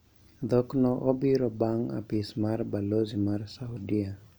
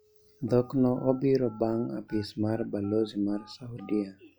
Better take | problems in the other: first | noise reduction (classical method log-MMSE)

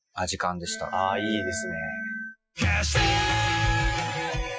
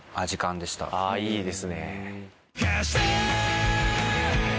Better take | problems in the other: second | noise reduction (classical method Wiener filter)

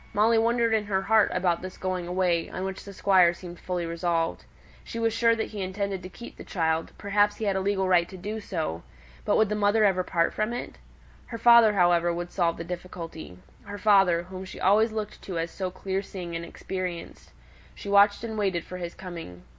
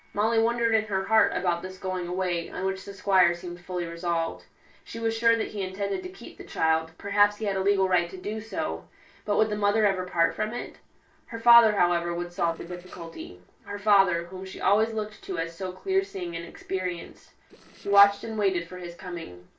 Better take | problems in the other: first | noise reduction (neural separator model SepFormer DNS4)

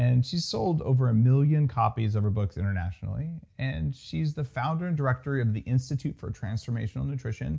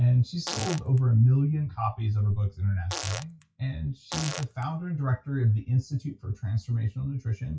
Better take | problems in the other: first | noise reduction (classical method WPE with log-MMSE)

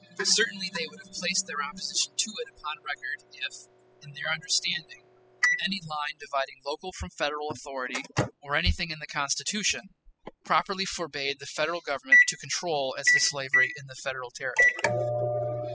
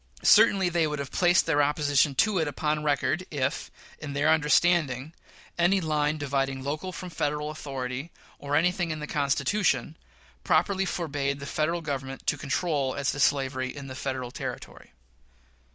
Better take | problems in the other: second | noise reduction (classical method spectral subtraction)

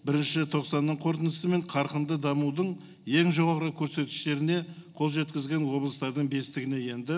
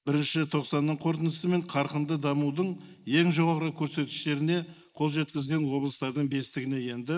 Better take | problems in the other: first | noise reduction (neural mask model Resemble Enhance denoiser)

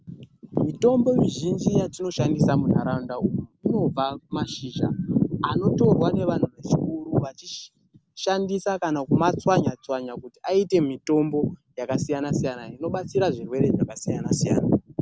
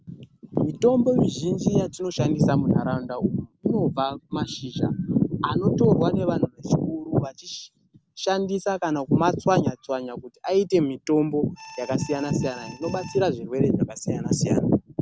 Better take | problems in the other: first | background sound (Alarm); 18 dB below the speech

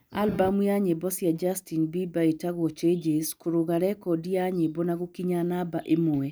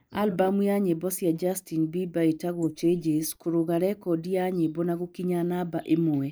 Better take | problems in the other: first | noise reduction (neural mask model Resemble Enhance denoiser)

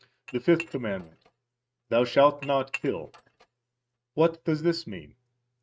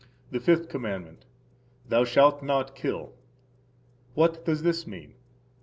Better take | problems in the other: second | noise reduction (neural mask model RNNoise)

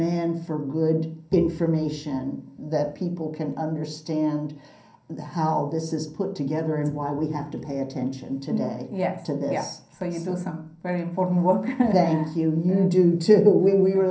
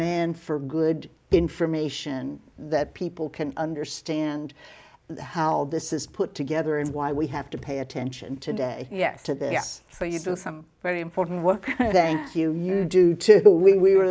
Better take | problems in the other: second | room echo; dies away in 0.6 s

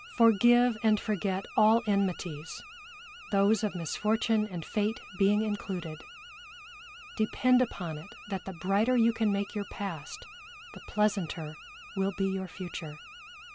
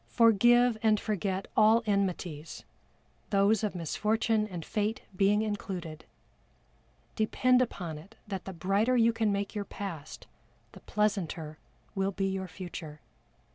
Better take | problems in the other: second | background sound (Alarm); 18 dB below the speech

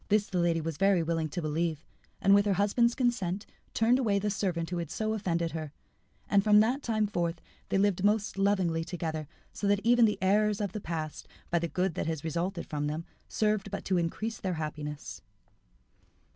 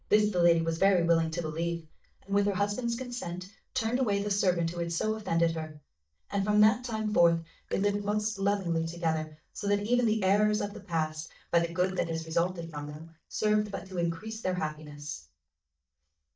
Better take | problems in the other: first | noise reduction (neural mask model DeepFilterNet 3)

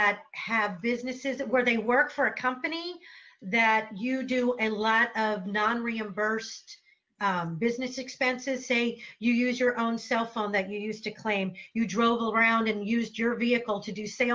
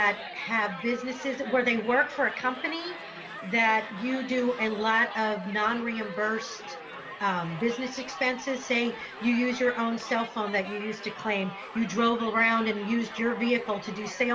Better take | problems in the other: first | background sound (Crowd); 12 dB below the speech

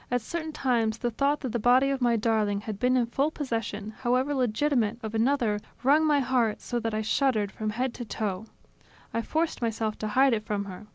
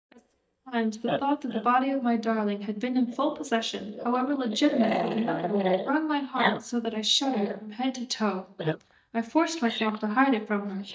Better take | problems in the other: first | noise reduction (neural mask model DeepFilterNet 3)

